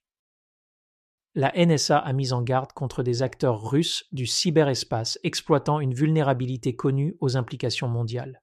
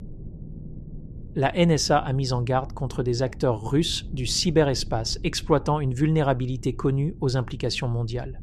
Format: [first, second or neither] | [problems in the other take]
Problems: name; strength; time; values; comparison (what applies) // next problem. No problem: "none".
first | low rumble; faint; throughout; 25 dB below the speech